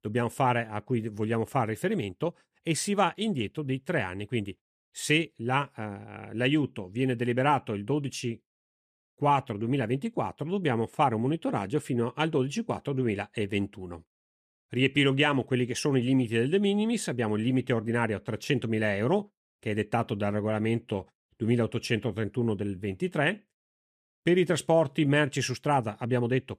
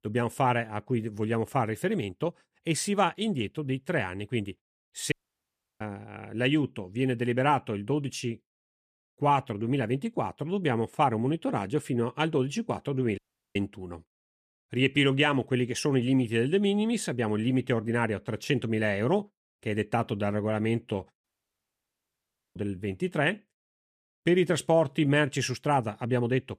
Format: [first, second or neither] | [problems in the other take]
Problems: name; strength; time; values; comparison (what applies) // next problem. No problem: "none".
first | audio cutting out; at 5 s for 0.5 s, at 13 s and at 21 s for 1.5 s